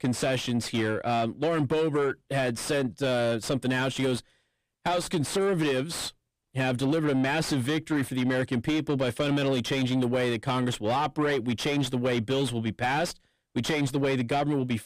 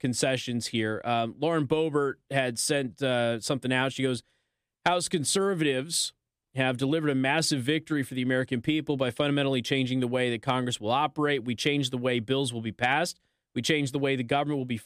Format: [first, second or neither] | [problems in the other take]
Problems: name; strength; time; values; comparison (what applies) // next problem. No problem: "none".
second | distortion; heavy; 7 dB below the speech